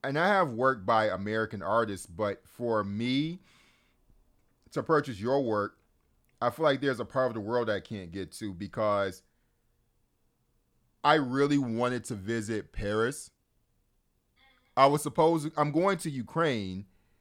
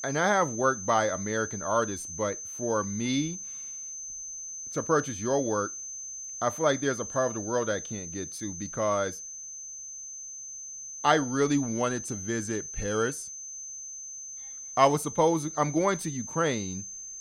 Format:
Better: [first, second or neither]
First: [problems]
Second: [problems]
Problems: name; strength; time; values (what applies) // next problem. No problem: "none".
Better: first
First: none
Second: high-pitched whine; loud; throughout; 6 kHz, 8 dB below the speech